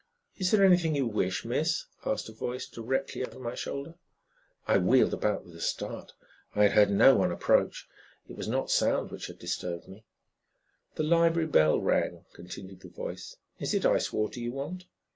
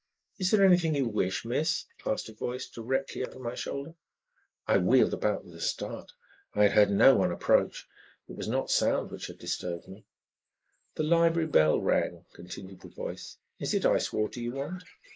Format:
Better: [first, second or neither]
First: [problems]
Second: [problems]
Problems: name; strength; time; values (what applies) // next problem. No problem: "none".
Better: first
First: none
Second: noise reduction (neural mask model Resemble Enhance denoiser)